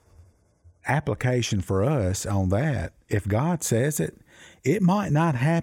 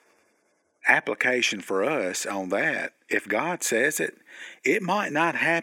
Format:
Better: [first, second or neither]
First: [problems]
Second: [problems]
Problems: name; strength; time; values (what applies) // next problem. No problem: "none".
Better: first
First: none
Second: thin; very; fading below 250 Hz